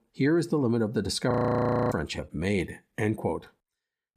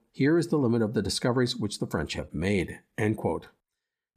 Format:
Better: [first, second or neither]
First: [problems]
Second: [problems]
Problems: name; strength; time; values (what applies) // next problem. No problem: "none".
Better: second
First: audio freezing; at 1.5 s for 0.5 s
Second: none